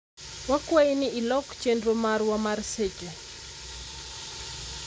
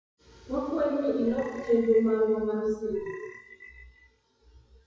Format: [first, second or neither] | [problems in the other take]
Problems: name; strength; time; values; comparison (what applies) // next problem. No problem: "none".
first | noise reduction (classical method WPE with log-MMSE)